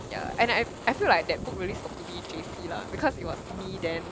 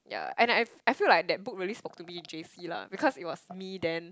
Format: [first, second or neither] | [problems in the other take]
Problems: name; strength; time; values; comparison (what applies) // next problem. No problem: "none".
second | background sound (Fire); 8 dB below the speech